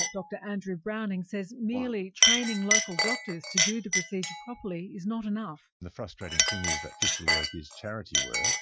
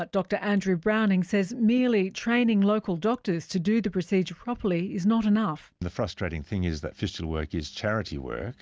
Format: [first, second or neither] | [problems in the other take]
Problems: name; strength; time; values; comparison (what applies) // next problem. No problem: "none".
second | noise reduction (classical method Wiener filter)